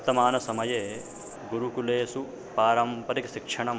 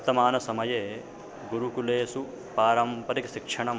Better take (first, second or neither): second